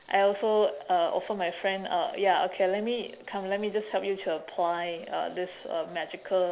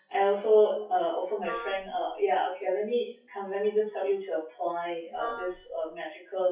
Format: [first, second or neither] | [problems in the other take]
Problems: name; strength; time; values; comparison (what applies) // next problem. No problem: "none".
first | noise reduction (classical method WPE with log-MMSE)